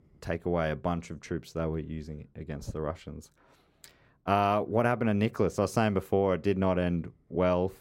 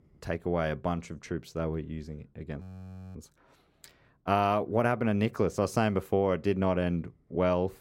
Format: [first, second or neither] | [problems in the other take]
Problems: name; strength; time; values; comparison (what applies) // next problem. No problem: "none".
first | audio freezing; at 2.5 s for 0.5 s